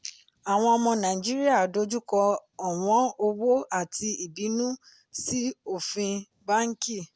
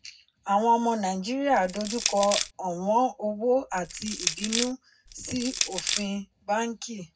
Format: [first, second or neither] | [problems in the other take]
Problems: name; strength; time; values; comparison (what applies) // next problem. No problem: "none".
first | background sound (Crushing); 4 dB below the speech // room echo; dies away in 0.3 s